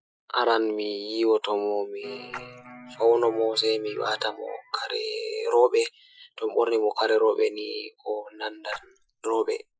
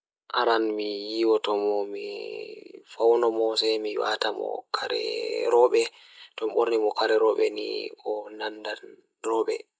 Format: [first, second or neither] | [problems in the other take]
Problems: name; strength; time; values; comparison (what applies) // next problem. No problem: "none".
second | noise reduction (classical method Wiener filter)